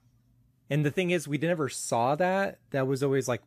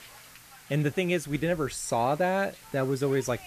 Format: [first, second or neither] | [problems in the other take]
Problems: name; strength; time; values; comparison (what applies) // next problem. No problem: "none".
first | hiss; faint; throughout; 20 dB below the speech